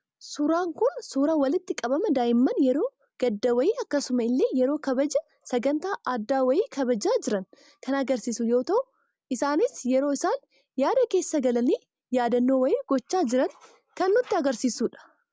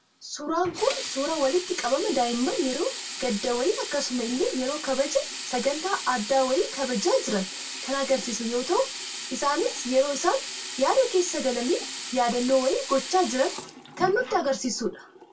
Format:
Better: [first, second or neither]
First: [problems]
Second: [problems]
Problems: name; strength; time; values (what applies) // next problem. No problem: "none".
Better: first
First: none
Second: background sound (Sink (filling or washing)); 9 dB below the speech // room echo; dies away in 0.2 s